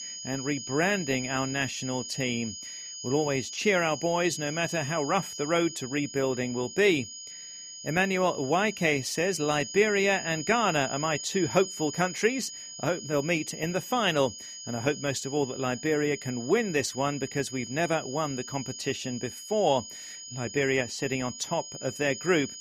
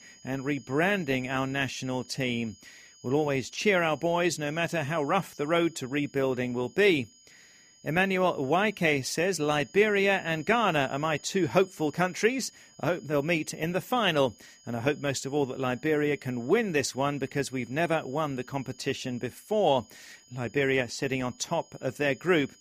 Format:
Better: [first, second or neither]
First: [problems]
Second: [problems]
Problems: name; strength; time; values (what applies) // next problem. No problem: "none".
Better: second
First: high-pitched whine; loud; throughout; 6.5 kHz, 10 dB below the speech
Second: high-pitched whine; faint; throughout; 6.5 kHz, 25 dB below the speech